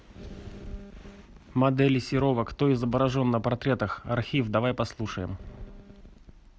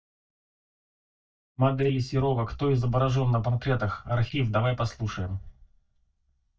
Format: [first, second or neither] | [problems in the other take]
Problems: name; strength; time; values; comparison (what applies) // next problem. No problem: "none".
first | noise reduction (neural mask model DeepFilterNet 3)